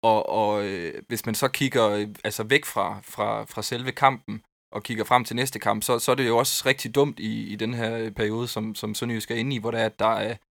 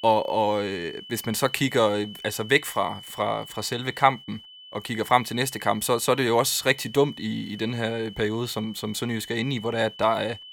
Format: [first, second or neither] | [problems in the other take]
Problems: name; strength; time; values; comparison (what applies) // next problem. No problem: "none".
first | high-pitched whine; noticeable; throughout; 3 kHz, 15 dB below the speech